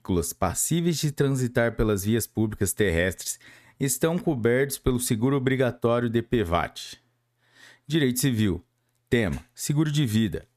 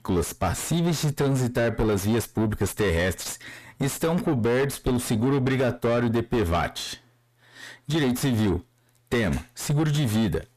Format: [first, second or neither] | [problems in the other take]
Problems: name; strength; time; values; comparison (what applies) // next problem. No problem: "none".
first | distortion; heavy; 6 dB below the speech